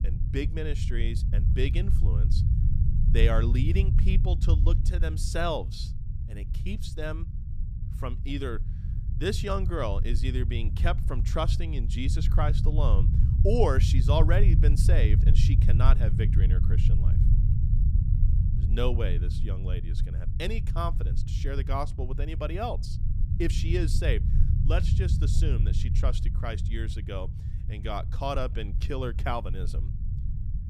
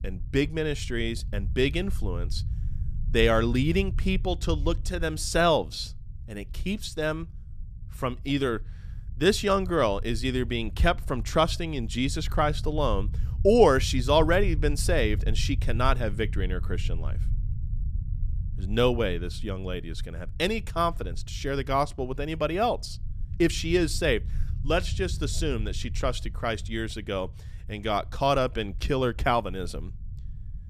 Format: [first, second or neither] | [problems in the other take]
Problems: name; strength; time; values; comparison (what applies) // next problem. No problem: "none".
second | low rumble; loud; throughout; 9 dB below the speech; faint in the second